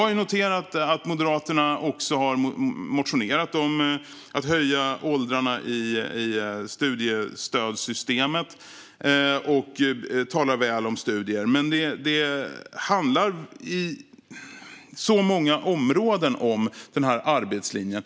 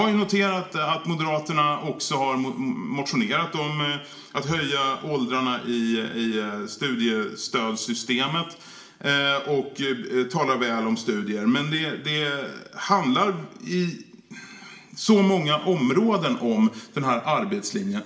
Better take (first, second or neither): first